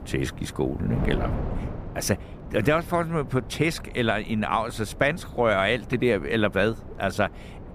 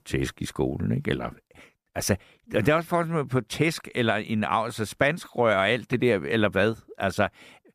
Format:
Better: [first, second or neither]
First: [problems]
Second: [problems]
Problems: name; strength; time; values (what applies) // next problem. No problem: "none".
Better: second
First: wind noise on the microphone; occasional gusts; 15 dB below the speech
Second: none